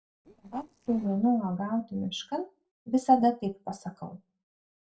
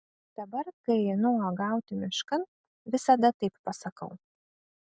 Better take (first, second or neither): second